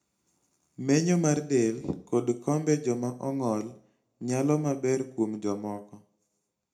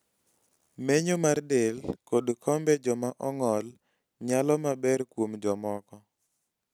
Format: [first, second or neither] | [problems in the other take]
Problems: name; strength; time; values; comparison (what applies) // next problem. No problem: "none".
second | room echo; dies away in 0.4 s